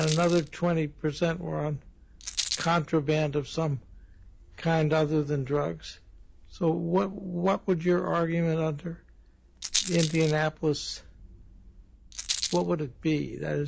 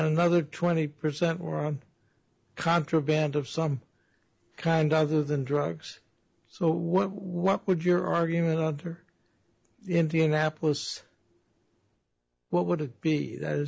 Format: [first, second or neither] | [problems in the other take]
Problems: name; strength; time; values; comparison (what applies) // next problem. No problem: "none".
second | background sound (Rattle); 12 dB below the speech